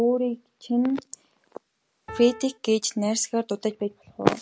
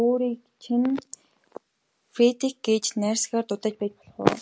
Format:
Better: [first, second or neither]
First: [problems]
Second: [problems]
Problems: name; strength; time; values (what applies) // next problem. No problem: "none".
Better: second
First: background sound (Piano); 13 dB below the speech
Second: none